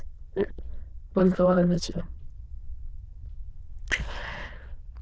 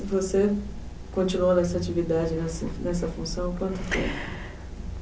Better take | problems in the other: second | noise reduction (neural diffusion model UNIVERSE++)

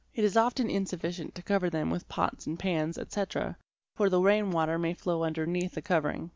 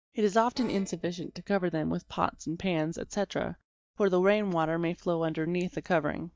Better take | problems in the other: first | noise reduction (neural mask model DeepFilterNet 3)

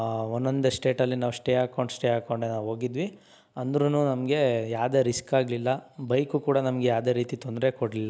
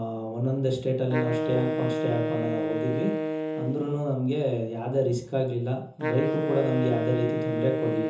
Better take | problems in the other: first | background sound (Wind instrument, woodwind instrument); 3 dB below the speech // room echo; dies away in 0.6 s

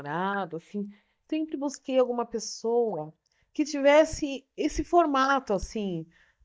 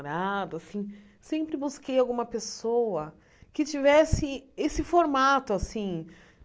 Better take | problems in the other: second | noise reduction (neural mask model DeepFilterNet 3)

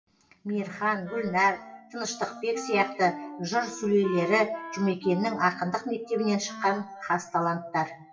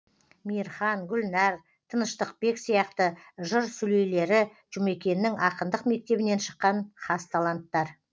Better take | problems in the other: second | noise reduction (classical method WPE with log-MMSE)

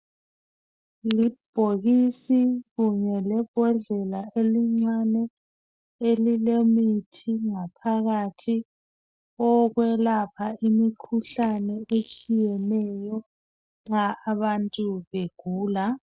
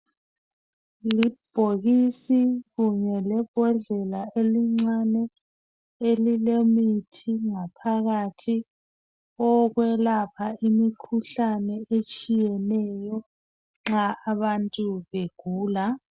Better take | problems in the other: second | noise reduction (neural mask model DeepFilterNet 3)

